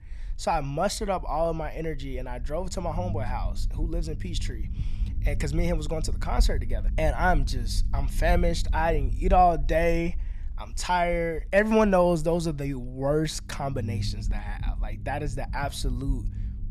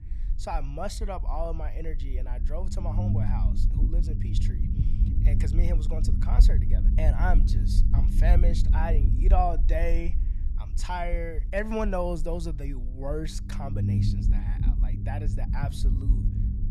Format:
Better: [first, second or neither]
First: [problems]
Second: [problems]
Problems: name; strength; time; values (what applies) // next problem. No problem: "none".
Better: first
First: low rumble; faint; throughout; 25 dB below the speech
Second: low rumble; loud; throughout; 8 dB below the speech